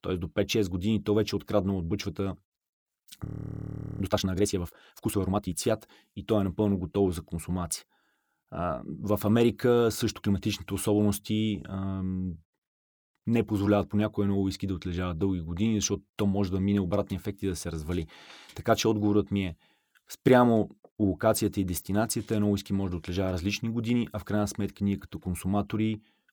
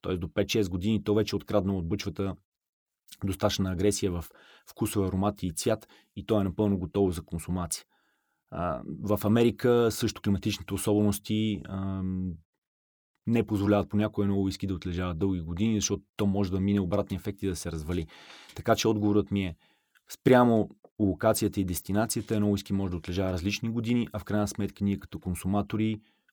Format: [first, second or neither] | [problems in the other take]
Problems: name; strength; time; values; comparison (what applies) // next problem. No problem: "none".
second | audio freezing; at 3 s for 1 s